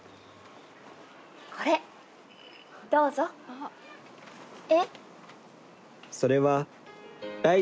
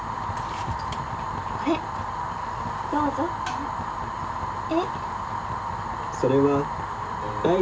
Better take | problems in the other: first | background sound (Fire); 1 dB below the speech // room echo; dies away in 0.2 s

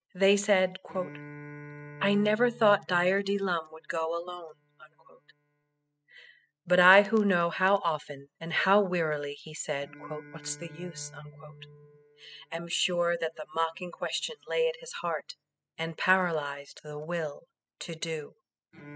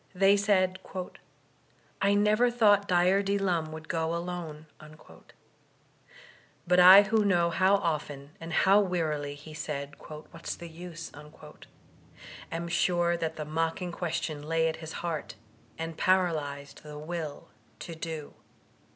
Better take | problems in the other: second | noise reduction (classical method spectral subtraction)

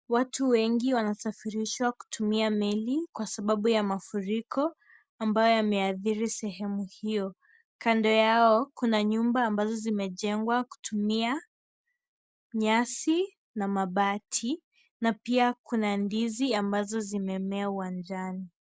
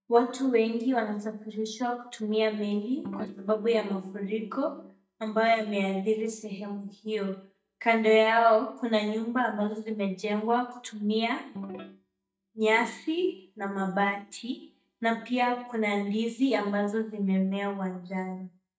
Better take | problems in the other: first | noise reduction (neural mask model DeepFilterNet 3)

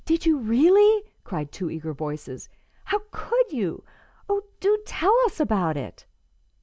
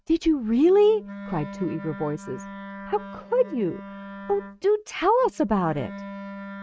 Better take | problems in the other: first | noise reduction (neural mask model RNNoise)

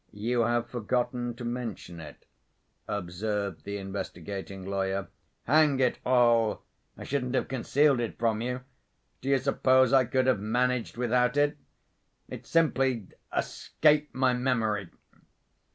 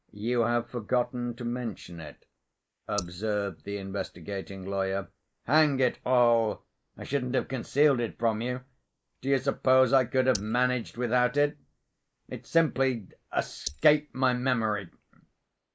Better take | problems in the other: first | noise reduction (neural mask model Resemble Enhance denoiser)

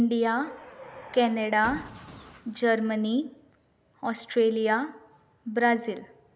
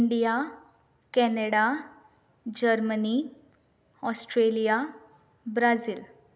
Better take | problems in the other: second | background sound (Car); 19 dB below the speech

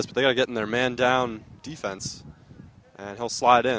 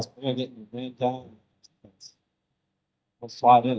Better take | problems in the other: first | noise reduction (neural mask model DeepFilterNet 3)

